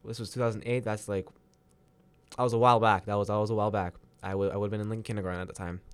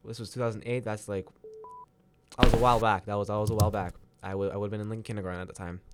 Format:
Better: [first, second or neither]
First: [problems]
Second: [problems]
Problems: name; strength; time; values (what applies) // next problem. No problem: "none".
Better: first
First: none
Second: alarm; faint; at 1.5 s; peak 15 dB below the speech // footsteps; loud; at 2.5 s; peak 4 dB above the speech // keyboard typing; loud; at 3.5 s; peak level with the speech